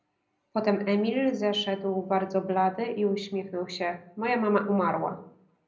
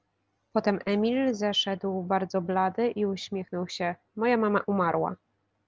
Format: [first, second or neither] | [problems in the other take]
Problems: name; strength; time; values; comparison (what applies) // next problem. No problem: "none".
second | room echo; dies away in 0.4 s